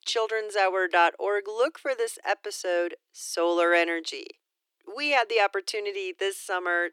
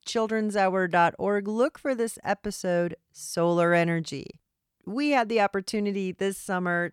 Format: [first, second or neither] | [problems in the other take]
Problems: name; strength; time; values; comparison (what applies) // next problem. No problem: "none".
second | thin; very; fading below 350 Hz